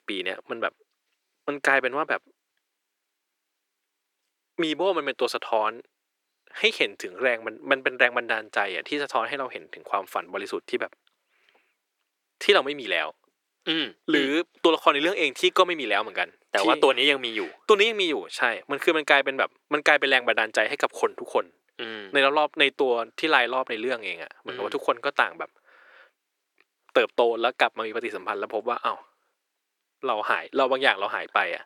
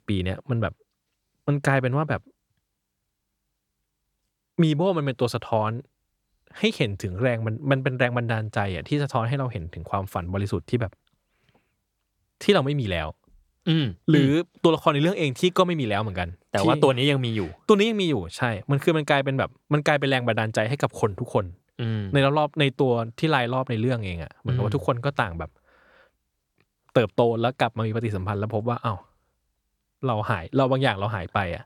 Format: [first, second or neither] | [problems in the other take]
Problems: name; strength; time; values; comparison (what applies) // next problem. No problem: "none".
second | thin; very; fading below 350 Hz